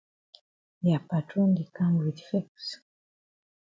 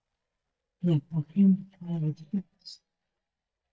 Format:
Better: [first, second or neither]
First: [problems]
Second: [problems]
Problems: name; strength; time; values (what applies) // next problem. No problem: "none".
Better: first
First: none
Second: noise reduction (neural mask model DeepFilterNet 3)